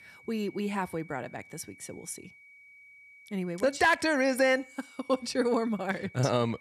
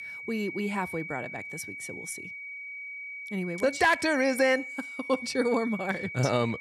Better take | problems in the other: first | high-pitched whine; loud; throughout; 2.5 kHz, 9 dB below the speech; faint in the first

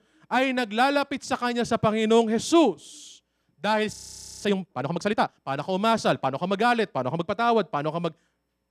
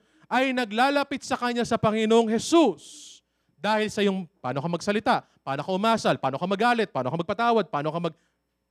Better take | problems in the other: second | audio freezing; at 4 s

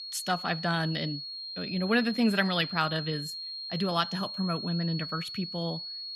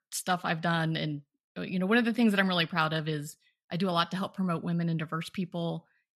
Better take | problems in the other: second | high-pitched whine; loud; throughout; 4 kHz, 6 dB below the speech

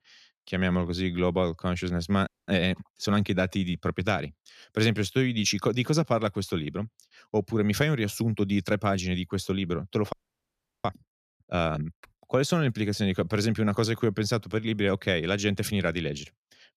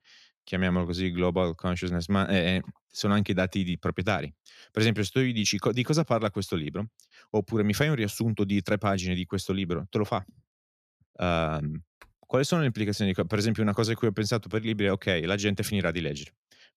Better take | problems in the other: second | audio freezing; at 2.5 s and at 10 s for 0.5 s

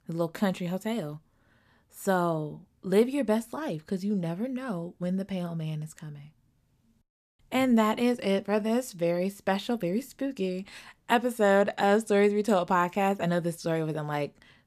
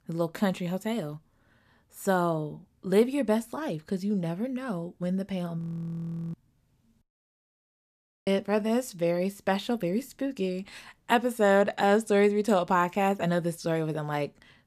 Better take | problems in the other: first | audio freezing; at 5.5 s for 0.5 s and at 7.5 s for 1 s

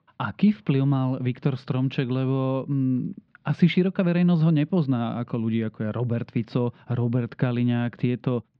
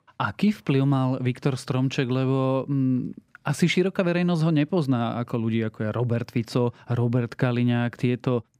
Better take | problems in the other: second | muffled; very slightly; fading above 4 kHz

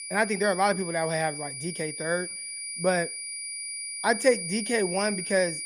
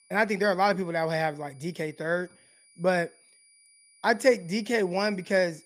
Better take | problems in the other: second | high-pitched whine; loud; throughout; 9.5 kHz, 6 dB below the speech; faint in the second

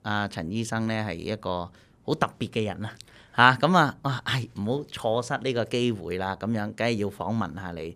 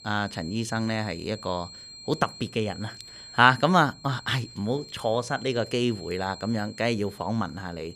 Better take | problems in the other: first | high-pitched whine; noticeable; throughout; 4 kHz, 15 dB below the speech

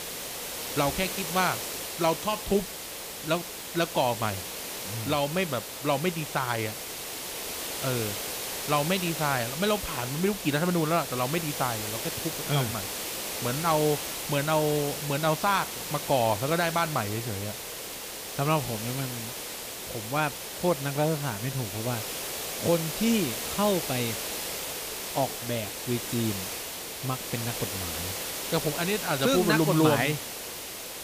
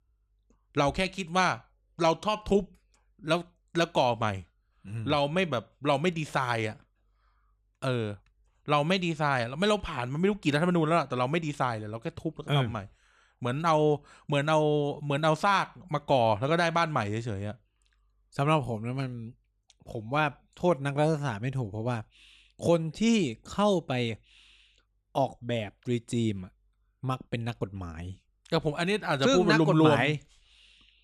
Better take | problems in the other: second | hiss; loud; throughout; 4 dB below the speech

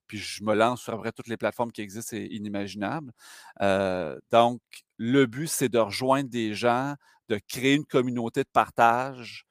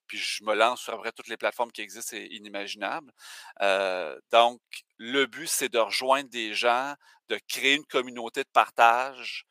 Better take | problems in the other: first | thin; somewhat; fading below 500 Hz

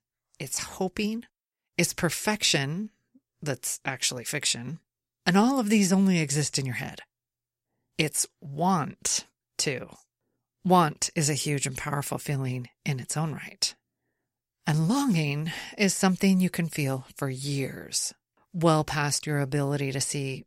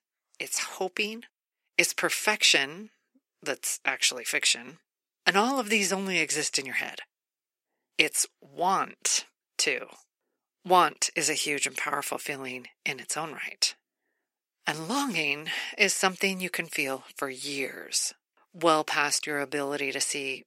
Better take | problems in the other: first | thin; somewhat; fading below 300 Hz

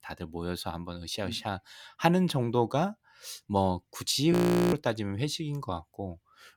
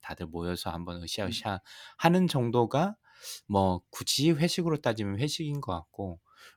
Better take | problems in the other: second | audio freezing; at 4.5 s

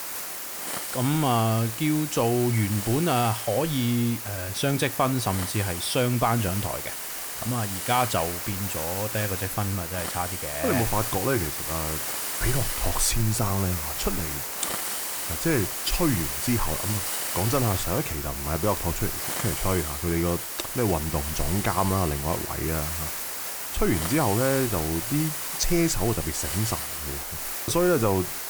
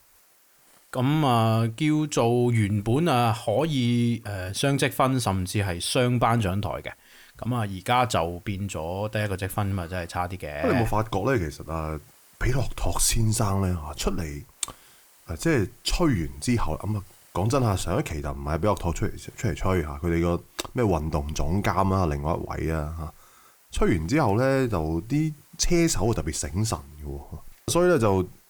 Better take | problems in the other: second | hiss; loud; throughout; 3 dB below the speech; faint in the second

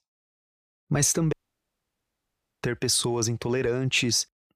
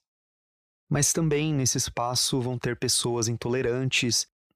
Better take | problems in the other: second | audio cutting out; at 1.5 s for 1.5 s

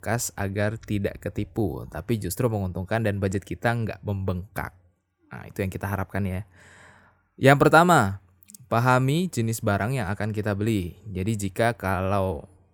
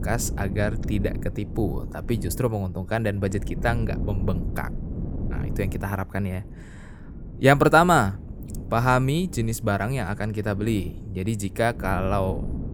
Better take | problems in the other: first | wind noise on the microphone; occasional gusts; 20 dB below the speech

